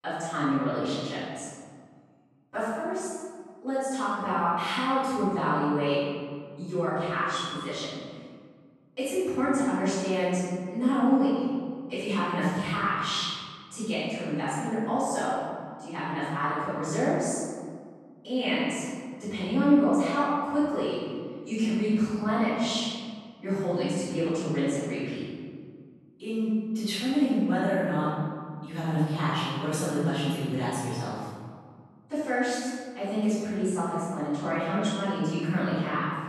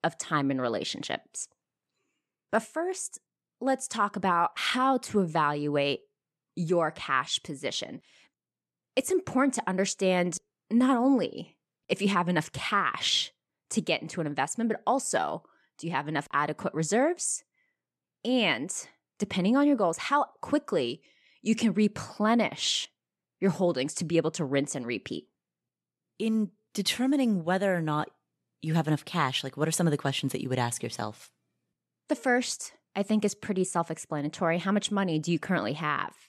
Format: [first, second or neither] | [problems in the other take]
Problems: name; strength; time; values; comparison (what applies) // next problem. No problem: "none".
second | off-mic speech; far // room echo; strong; dies away in 1.8 s